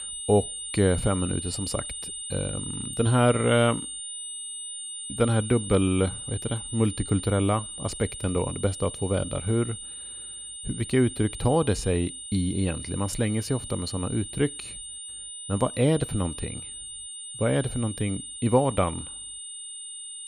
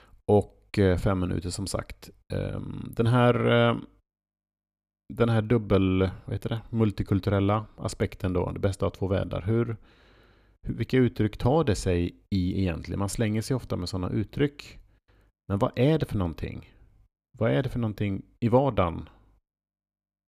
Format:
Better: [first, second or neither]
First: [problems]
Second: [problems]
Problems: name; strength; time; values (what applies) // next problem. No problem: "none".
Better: second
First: high-pitched whine; loud; throughout; 9 kHz, 8 dB below the speech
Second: none